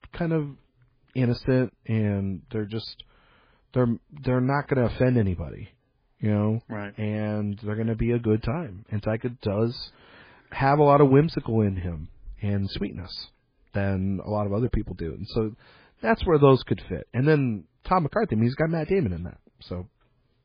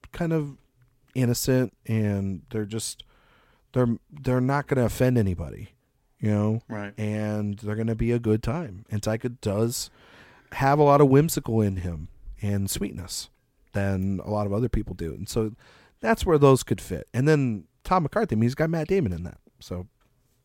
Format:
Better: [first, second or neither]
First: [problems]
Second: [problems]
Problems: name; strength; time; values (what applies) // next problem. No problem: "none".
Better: second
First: garbled, watery; badly; nothing above 4.5 kHz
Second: none